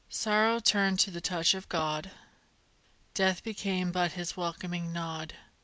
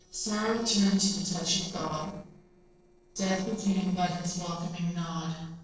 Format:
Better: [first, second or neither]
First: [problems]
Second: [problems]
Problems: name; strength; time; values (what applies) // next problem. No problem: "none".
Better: first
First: none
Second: noise reduction (neural separator model SepFormer DNS4)